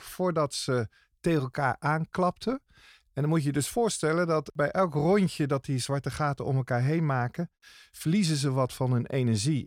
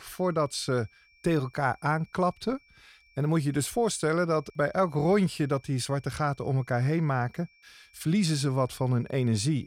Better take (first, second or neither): first